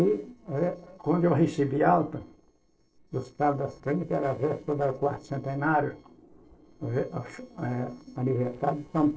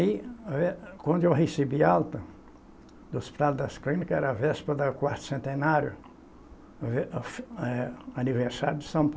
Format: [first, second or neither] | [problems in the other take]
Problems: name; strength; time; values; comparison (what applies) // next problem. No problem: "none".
second | noise reduction (neural separator model SepFormer DNS4)